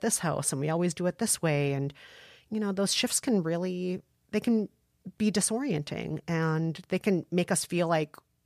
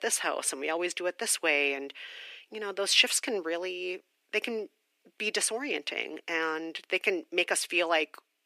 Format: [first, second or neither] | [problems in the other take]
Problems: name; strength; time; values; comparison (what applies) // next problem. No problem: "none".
first | thin; very; fading below 300 Hz